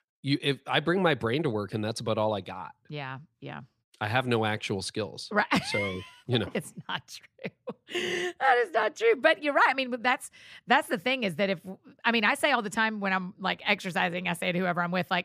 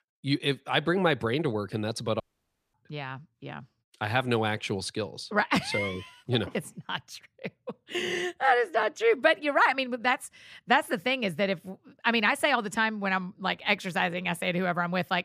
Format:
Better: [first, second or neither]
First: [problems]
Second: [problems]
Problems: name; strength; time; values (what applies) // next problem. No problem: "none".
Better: first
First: none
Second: audio cutting out; at 2 s for 0.5 s